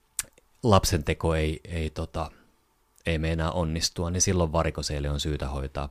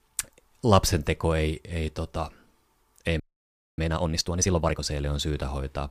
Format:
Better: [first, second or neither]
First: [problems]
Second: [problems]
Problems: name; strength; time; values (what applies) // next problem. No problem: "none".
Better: first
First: none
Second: audio freezing; at 3 s for 0.5 s